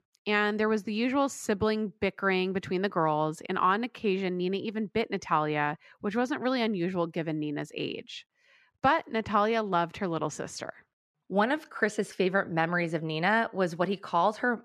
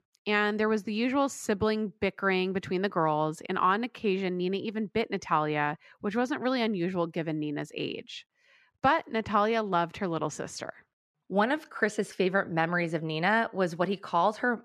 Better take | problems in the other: neither | muffled; slightly; fading above 3 kHz; the same in both

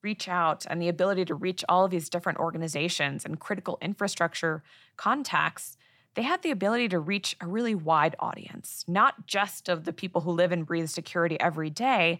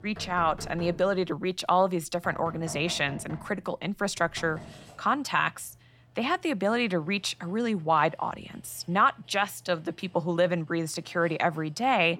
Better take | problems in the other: first | household noises; faint; throughout; 20 dB below the speech

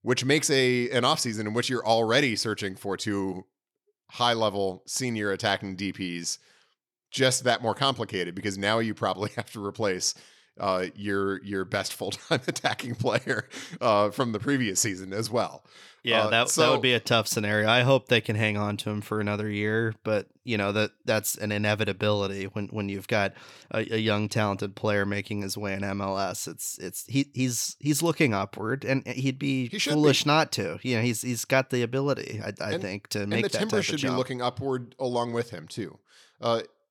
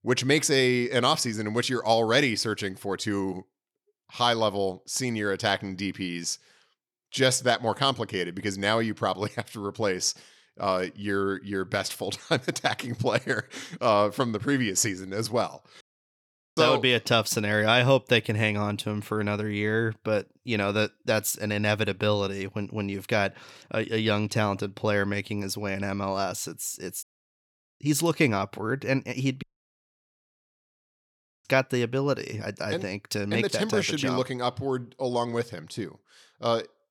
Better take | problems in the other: first | audio cutting out; at 16 s for 1 s, at 27 s for 1 s and at 29 s for 2 s

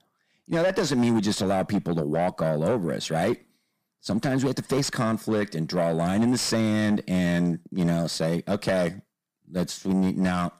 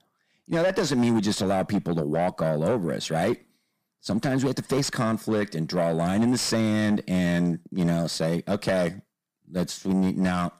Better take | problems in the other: neither | distortion; slight; 10 dB below the speech; the same in both

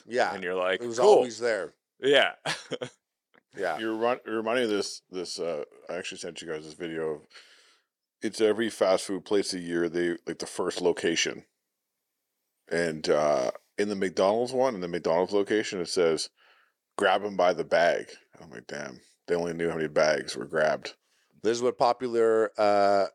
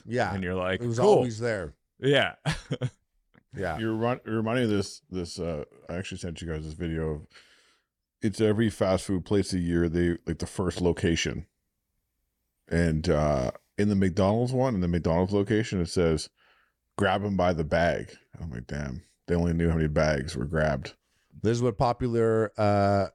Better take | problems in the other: second | thin; somewhat; fading below 400 Hz

